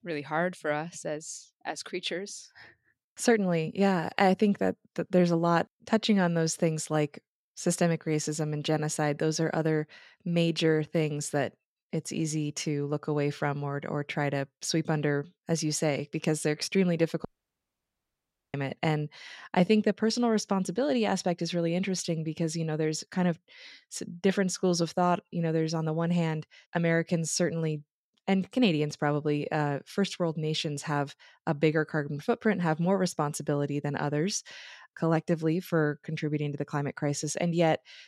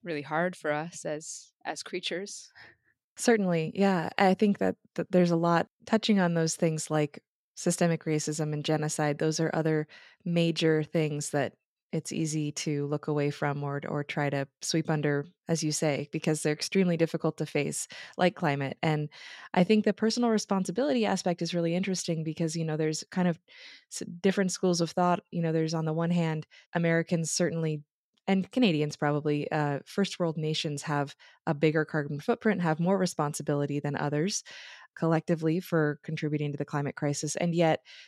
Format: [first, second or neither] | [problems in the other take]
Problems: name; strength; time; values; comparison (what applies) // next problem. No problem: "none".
second | audio cutting out; at 17 s for 1.5 s